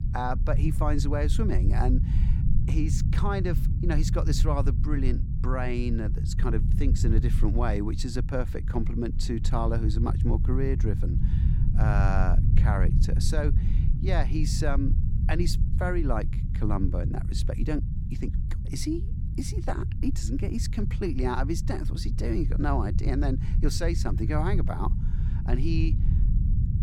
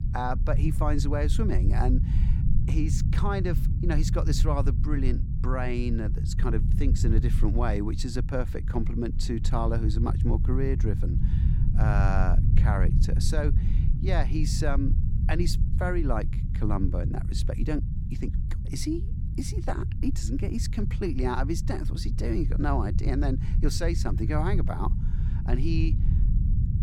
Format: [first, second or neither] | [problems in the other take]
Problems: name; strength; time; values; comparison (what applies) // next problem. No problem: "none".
neither | low rumble; loud; throughout; 8 dB below the speech; the same in both